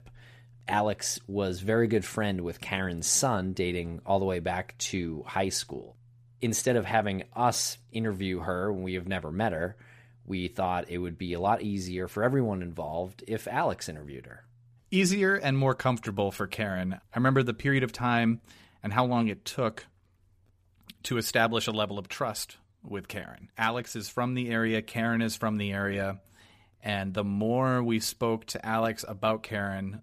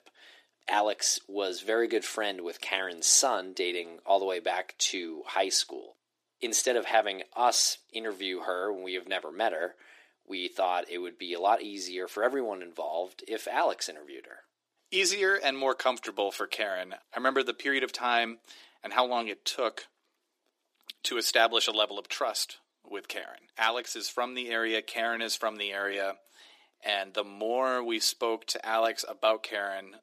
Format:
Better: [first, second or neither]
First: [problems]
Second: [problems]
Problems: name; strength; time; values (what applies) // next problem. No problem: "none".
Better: first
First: none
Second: thin; very; fading below 300 Hz